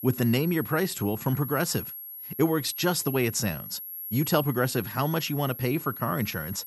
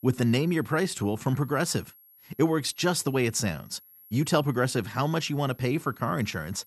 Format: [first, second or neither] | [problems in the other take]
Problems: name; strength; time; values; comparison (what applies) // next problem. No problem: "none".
second | high-pitched whine; loud; throughout; 11.5 kHz, 9 dB below the speech; faint in the second